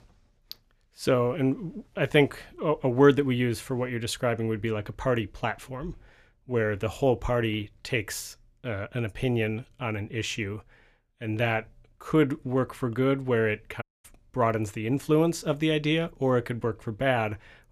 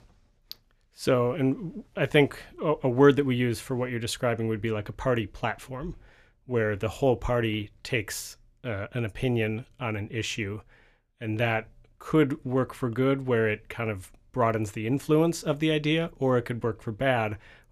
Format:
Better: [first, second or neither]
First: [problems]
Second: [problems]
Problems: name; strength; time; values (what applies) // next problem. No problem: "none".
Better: second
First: audio cutting out; at 14 s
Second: none